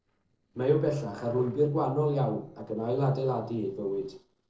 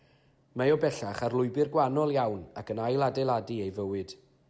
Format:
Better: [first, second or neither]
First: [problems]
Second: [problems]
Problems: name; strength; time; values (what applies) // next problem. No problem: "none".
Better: second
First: noise reduction (neural separator model SepFormer DNS4)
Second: none